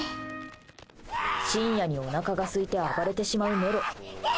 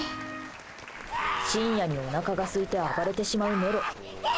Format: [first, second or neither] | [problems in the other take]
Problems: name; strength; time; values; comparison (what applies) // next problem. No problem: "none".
first | background sound (Applause / Crowd); 16 dB below the speech